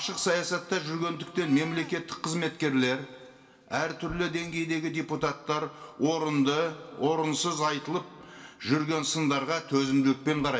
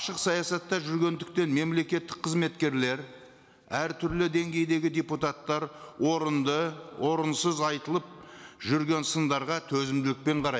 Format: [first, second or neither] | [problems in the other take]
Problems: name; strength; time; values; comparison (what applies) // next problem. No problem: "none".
second | background sound (Livestock, farm animals, working animals); 19 dB below the speech // room echo; dies away in 0.7 s